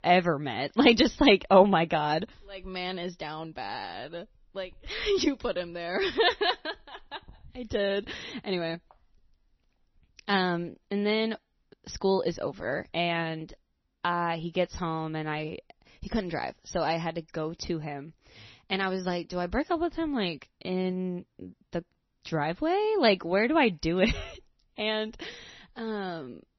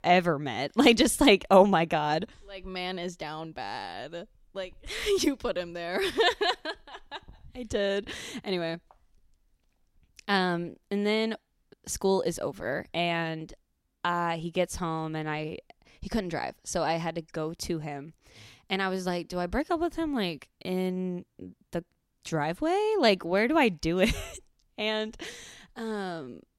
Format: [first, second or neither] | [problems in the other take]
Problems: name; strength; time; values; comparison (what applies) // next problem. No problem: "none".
second | garbled, watery; slightly; nothing above 6 kHz